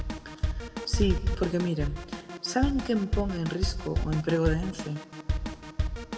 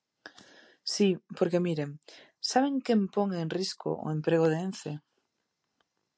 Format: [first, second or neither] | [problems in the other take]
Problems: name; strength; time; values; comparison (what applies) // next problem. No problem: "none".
second | background sound (Drum kit); as loud as the speech // room echo; dies away in 1 s